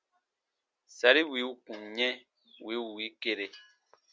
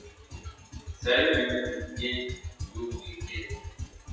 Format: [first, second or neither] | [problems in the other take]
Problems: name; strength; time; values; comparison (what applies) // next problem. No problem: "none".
first | noise reduction (classical method WPE with log-MMSE)